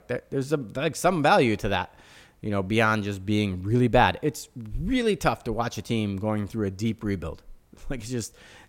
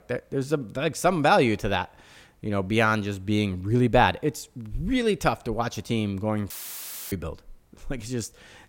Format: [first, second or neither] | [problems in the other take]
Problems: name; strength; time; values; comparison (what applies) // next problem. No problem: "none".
first | audio cutting out; filled with static; at 6.5 s for 0.5 s